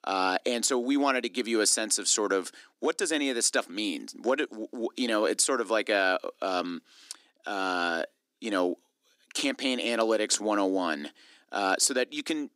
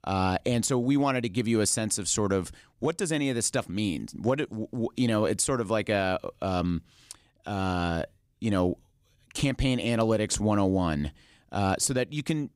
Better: second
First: thin; very slightly; fading below 250 Hz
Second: none

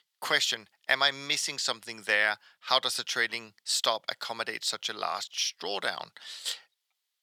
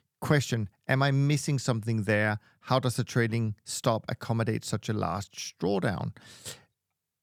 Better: second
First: thin; very; fading below 750 Hz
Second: none

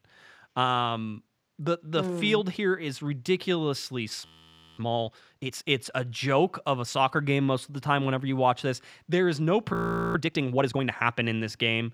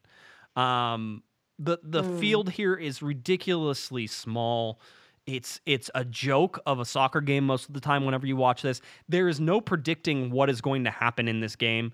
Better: second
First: audio freezing; at 4.5 s for 0.5 s and at 9.5 s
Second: none

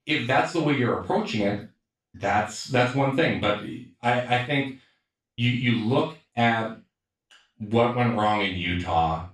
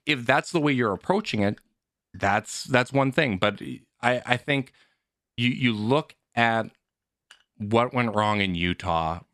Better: second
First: room echo; noticeable; dies away in 0.3 s // off-mic speech; far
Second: none

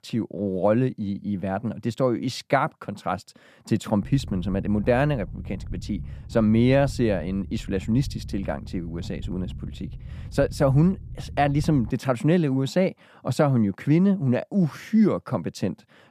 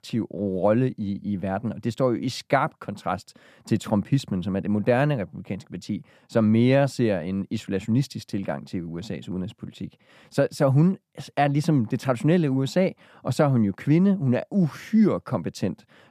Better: second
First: low rumble; faint; from 4 to 12 s; 25 dB below the speech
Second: none

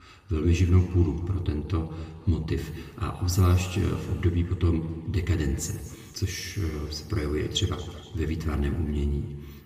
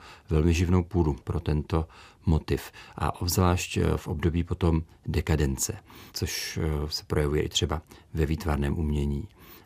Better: second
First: room echo; noticeable; dies away in 1.7 s // off-mic speech; somewhat distant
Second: none

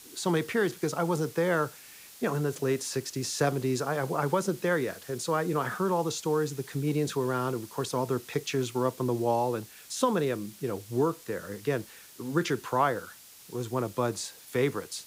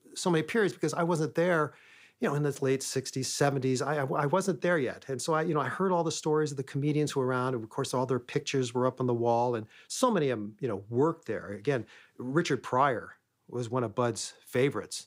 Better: second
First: hiss; noticeable; throughout; 20 dB below the speech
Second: none

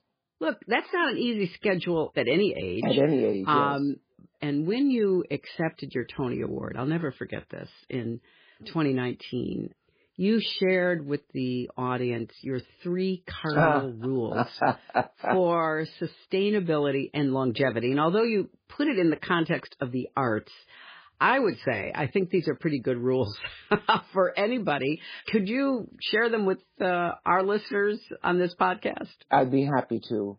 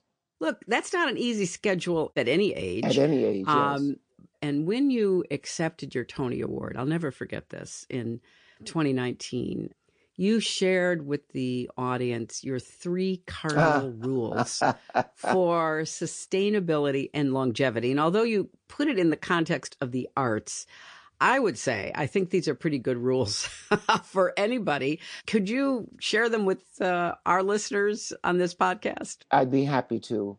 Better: second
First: garbled, watery; badly; nothing above 5 kHz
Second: garbled, watery; slightly; nothing above 9 kHz

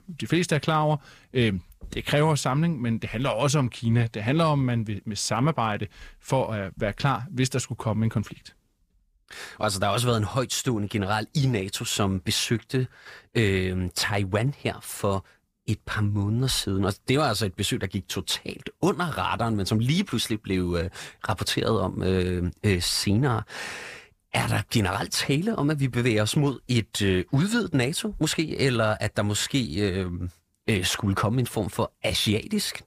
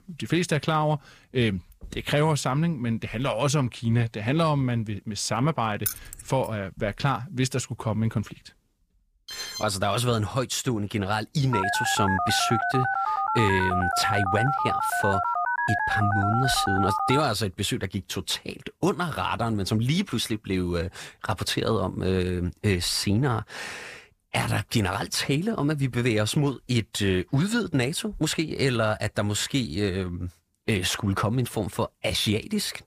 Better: first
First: none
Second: jangling keys; noticeable; at 6 s; peak 4 dB below the speech // alarm; noticeable; at 9.5 s; peak 7 dB below the speech // phone ringing; loud; from 12 to 17 s; peak 1 dB above the speech

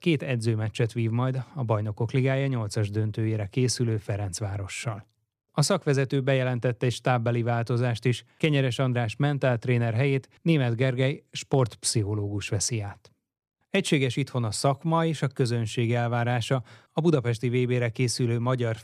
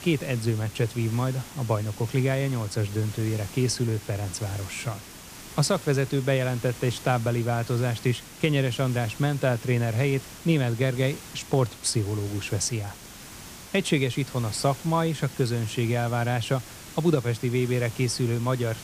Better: first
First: none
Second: hiss; noticeable; throughout; 15 dB below the speech

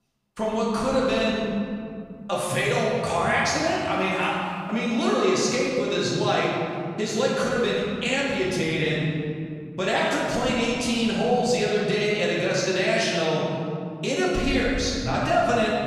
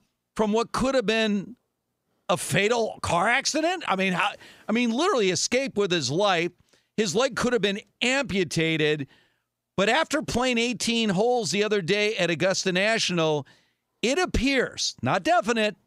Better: second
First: room echo; strong; dies away in 2.6 s // off-mic speech; far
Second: none

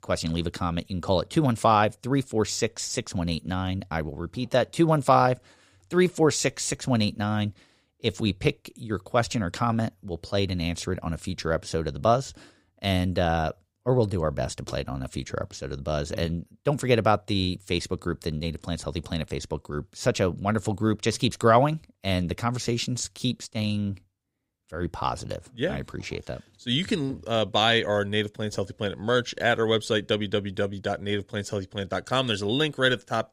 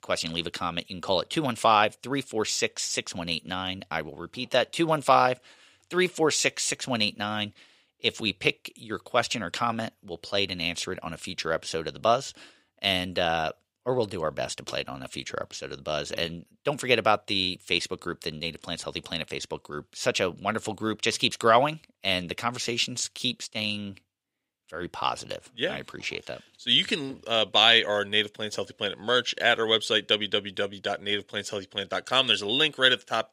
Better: first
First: none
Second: thin; very slightly; fading below 900 Hz

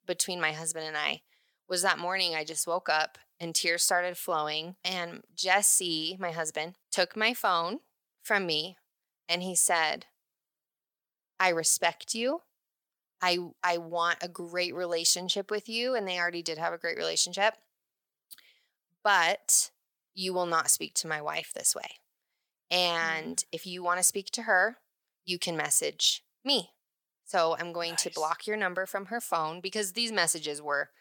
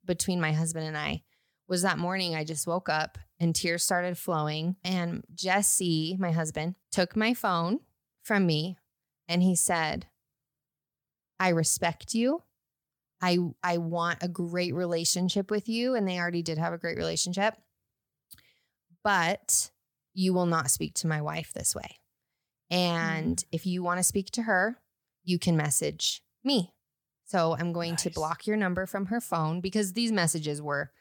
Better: second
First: thin; somewhat; fading below 450 Hz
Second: none

